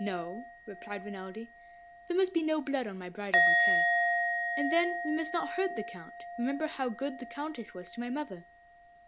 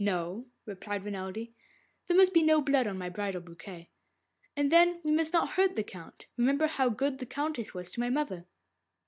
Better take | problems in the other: second | background sound (Musical instrument); 1 dB above the speech

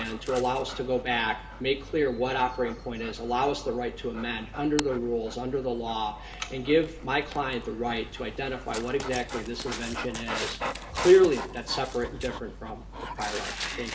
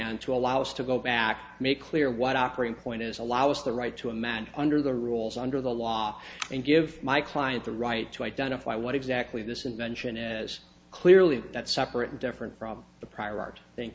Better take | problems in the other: second | background sound (Dog); 10 dB below the speech // room echo; dies away in 0.4 s

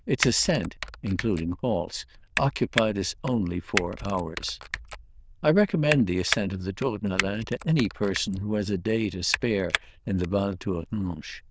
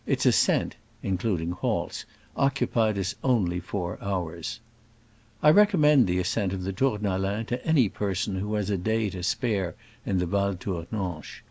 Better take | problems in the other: second | noise reduction (neural diffusion model UNIVERSE++)

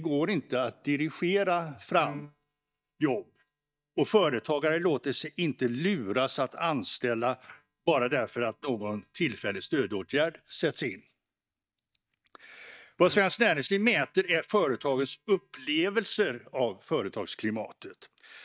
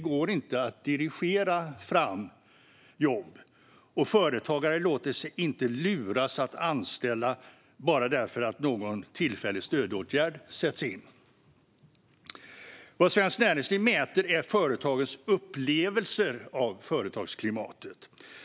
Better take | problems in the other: second | noise reduction (neural mask model DeepFilterNet 3)

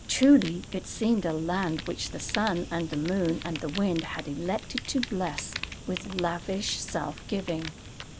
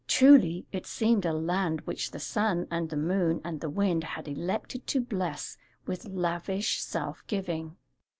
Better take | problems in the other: second | background sound (Fire); 11 dB below the speech

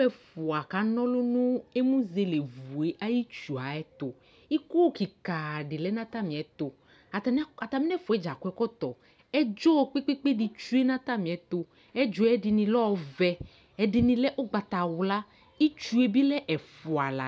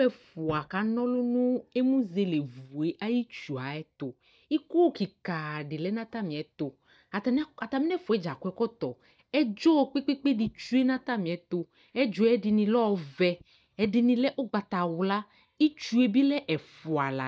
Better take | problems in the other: first | noise reduction (neural mask model DeepFilterNet 3)

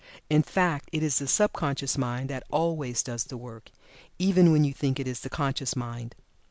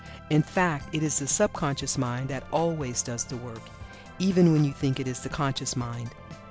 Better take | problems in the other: first | background sound (Organ); 16 dB below the speech

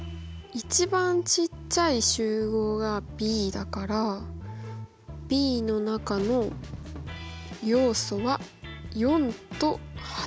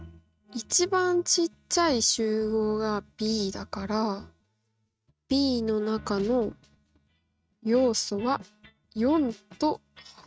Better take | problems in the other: first | noise reduction (neural mask model RNNoise)

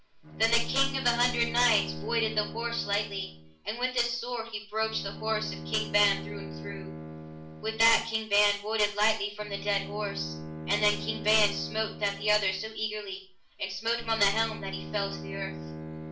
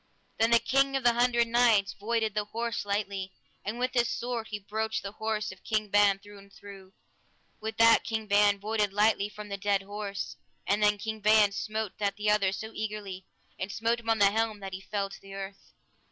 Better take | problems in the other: second | background sound (Bowed string instrument); 10 dB below the speech // room echo; dies away in 0.4 s

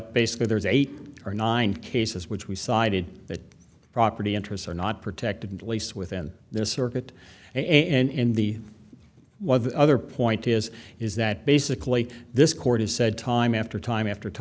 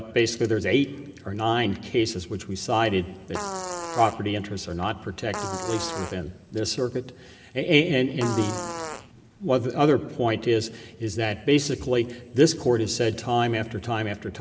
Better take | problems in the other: first | background sound (Fart); 10 dB below the speech // room echo; dies away in 1.4 s

